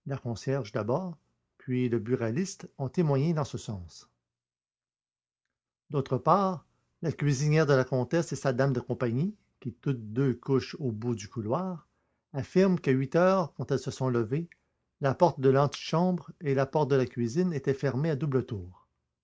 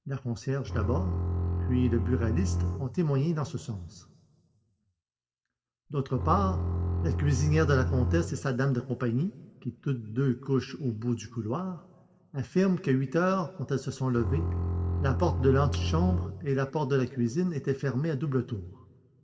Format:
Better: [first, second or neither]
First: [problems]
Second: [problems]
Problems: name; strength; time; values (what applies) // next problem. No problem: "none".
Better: first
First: none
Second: background sound (Bowed string instrument); as loud as the speech // room echo; dies away in 1.3 s